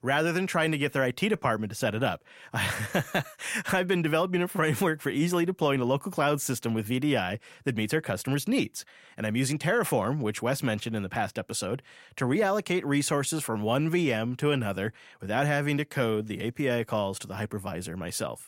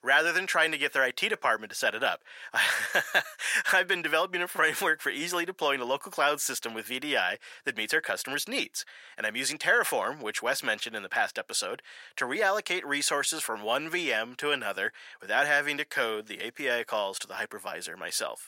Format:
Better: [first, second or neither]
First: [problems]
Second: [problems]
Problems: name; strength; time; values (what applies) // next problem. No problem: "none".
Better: first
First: none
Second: thin; very; fading below 550 Hz